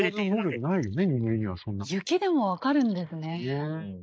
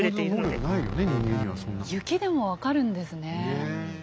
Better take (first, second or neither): second